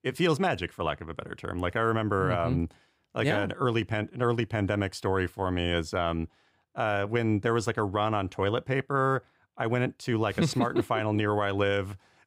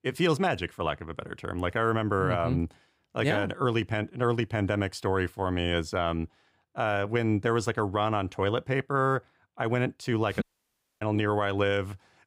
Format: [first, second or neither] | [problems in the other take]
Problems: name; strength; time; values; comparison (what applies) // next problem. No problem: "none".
first | audio cutting out; at 10 s for 0.5 s